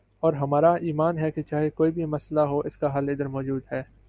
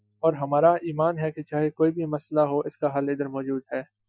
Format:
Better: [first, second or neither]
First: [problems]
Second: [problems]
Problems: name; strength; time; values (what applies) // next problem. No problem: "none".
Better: first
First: none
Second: noise reduction (classical method Wiener filter)